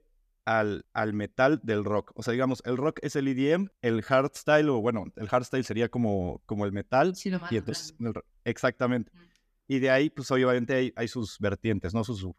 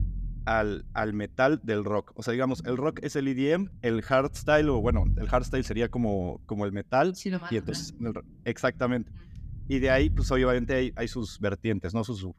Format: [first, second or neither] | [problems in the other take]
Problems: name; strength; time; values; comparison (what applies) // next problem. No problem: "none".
first | low rumble; faint; throughout; 25 dB below the speech